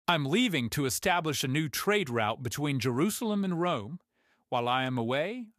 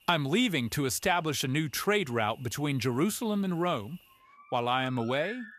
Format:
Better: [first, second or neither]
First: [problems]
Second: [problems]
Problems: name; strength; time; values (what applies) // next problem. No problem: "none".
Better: first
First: none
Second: animal sounds; faint; throughout; 25 dB below the speech